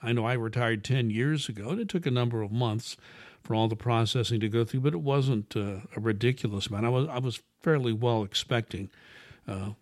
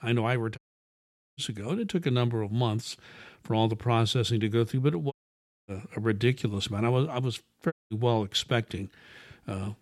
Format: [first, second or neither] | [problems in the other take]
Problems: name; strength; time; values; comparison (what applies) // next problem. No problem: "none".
first | audio cutting out; at 0.5 s for 1 s, at 5 s for 0.5 s and at 7.5 s